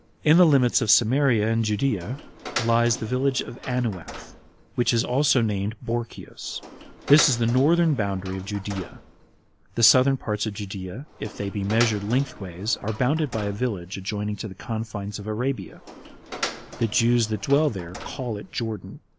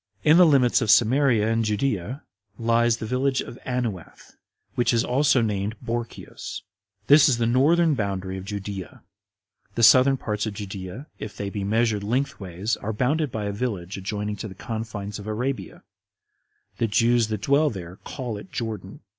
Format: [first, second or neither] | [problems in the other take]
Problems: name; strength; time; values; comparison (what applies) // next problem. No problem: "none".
second | background sound (Door); 15 dB below the speech